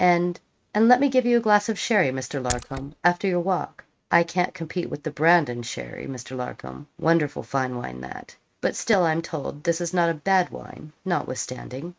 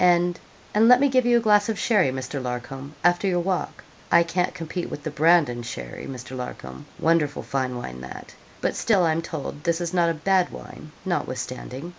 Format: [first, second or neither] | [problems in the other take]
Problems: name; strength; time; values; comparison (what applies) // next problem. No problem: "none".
second | noise reduction (neural mask model RNNoise)